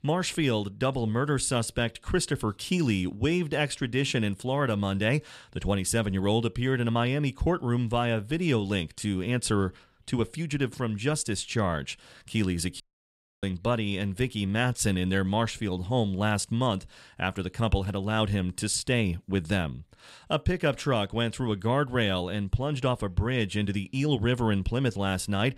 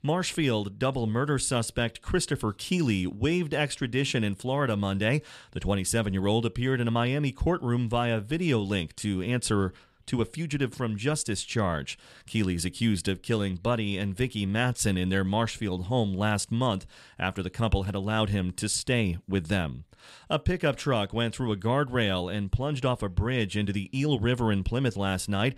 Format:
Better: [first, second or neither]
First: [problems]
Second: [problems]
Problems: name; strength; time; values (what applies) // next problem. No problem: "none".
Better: second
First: audio cutting out; at 13 s for 0.5 s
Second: none